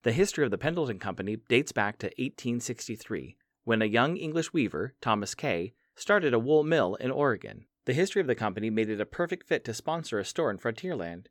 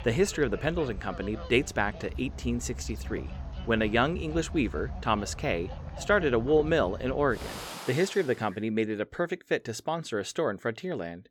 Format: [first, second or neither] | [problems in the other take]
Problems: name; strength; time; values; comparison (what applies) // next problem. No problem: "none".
first | animal sounds; noticeable; until 8 s; 10 dB below the speech